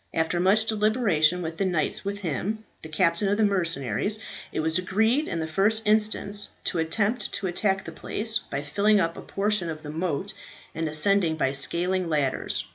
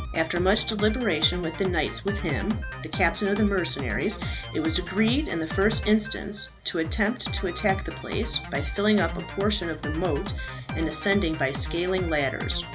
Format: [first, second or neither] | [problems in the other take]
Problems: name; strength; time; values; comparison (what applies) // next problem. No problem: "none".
first | background sound (Drum kit); 6 dB below the speech